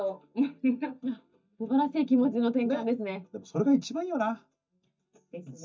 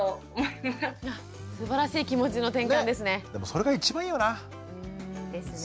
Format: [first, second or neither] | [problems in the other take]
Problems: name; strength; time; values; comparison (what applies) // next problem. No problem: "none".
second | noise reduction (neural mask model DeepFilterNet 3)